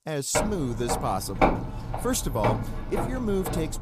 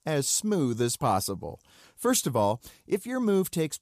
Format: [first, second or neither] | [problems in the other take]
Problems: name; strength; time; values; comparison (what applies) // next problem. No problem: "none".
second | footsteps; loud; peak 5 dB above the speech